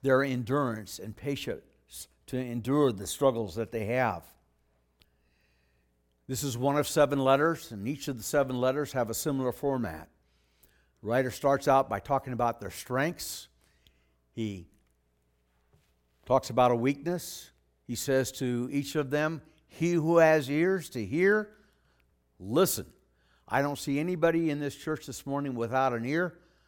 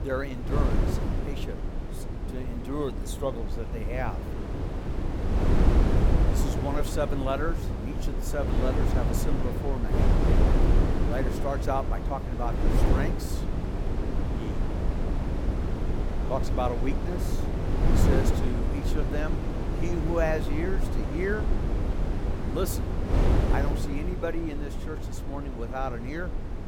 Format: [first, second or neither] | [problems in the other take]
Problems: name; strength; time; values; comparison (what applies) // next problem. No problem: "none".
first | wind noise on the microphone; heavy; 2 dB below the speech